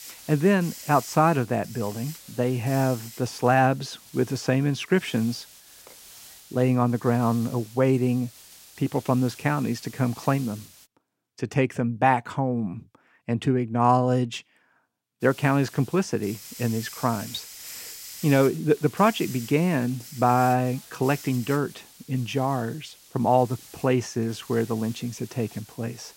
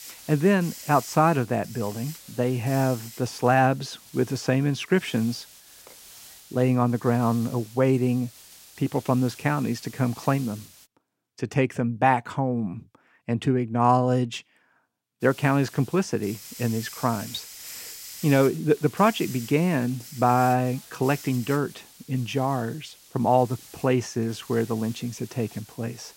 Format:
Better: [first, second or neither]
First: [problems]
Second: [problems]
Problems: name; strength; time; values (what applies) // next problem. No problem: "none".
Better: neither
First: hiss; noticeable; until 11 s and from 15 s on; 15 dB below the speech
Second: hiss; noticeable; until 11 s and from 15 s on; 15 dB below the speech